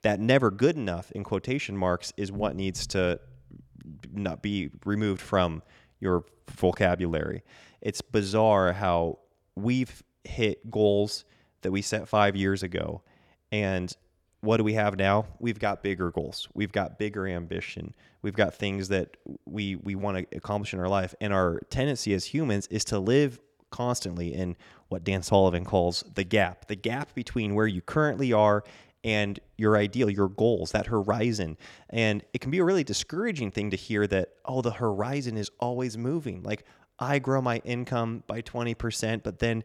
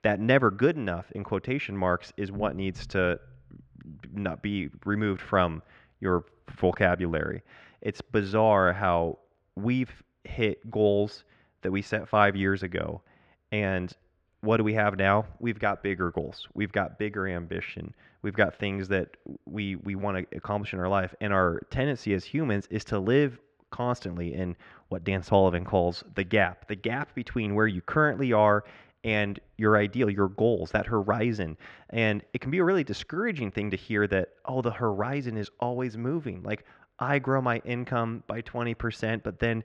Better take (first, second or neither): first